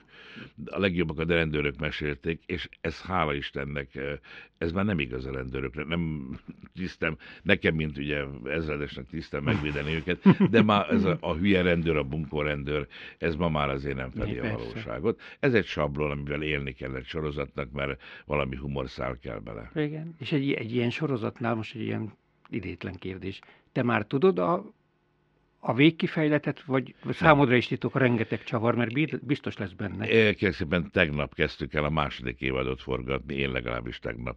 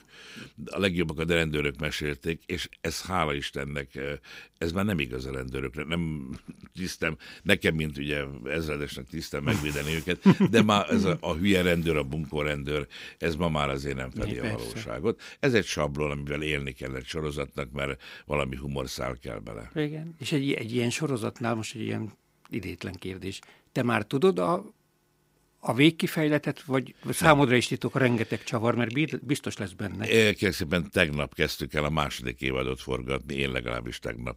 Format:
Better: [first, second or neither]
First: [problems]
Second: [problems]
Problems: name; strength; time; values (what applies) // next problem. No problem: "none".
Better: second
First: muffled; slightly; fading above 3 kHz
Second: none